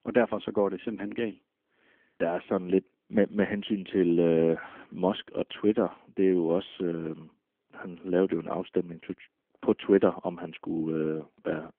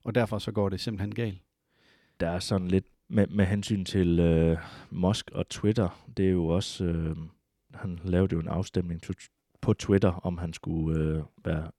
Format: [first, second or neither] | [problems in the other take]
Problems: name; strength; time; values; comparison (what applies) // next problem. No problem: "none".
second | phone-call audio; nothing above 3.5 kHz